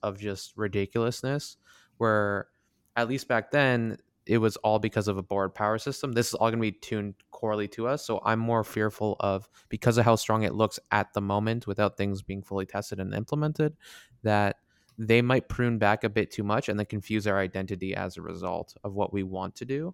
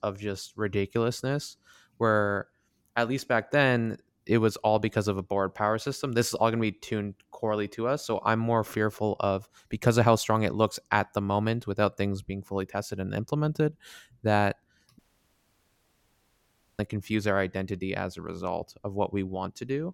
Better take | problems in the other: first | audio cutting out; at 15 s for 2 s

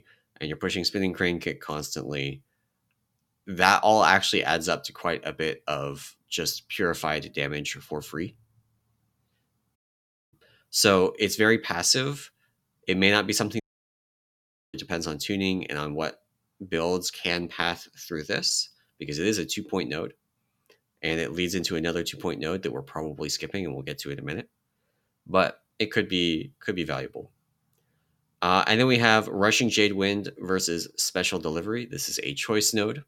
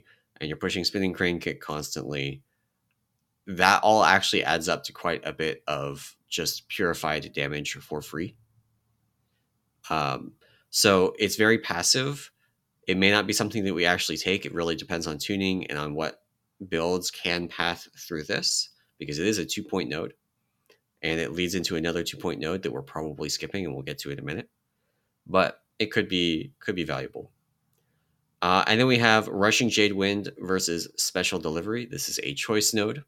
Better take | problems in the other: second | audio cutting out; at 10 s for 0.5 s and at 14 s for 1 s

